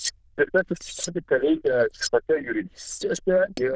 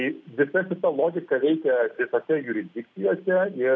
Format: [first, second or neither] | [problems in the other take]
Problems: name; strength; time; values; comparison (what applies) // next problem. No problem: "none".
second | noise reduction (neural diffusion model UNIVERSE++)